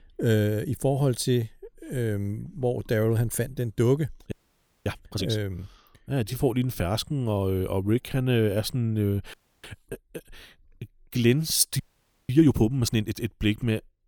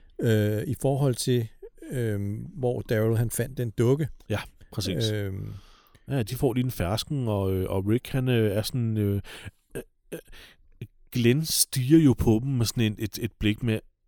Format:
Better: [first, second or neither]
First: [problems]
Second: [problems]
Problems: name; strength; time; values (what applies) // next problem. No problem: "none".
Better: second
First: audio freezing; at 4.5 s for 0.5 s, at 9.5 s and at 12 s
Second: none